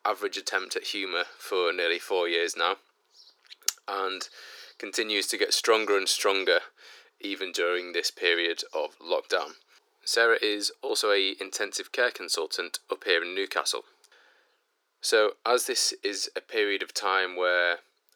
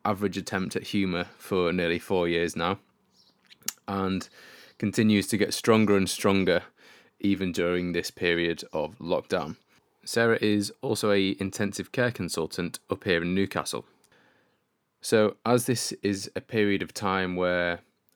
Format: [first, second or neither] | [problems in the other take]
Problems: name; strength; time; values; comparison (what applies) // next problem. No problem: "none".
second | thin; very; fading below 350 Hz